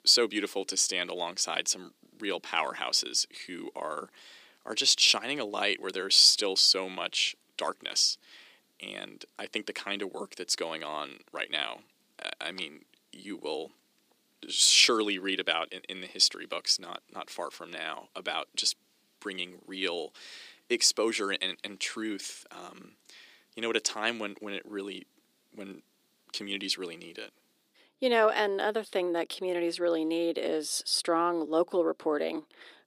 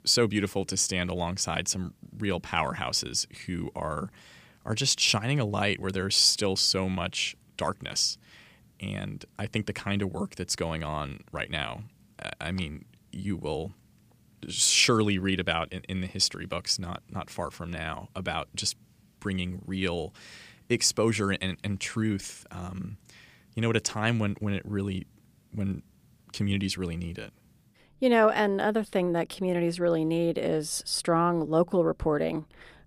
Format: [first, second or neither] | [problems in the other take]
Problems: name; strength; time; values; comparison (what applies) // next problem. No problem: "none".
second | thin; somewhat; fading below 300 Hz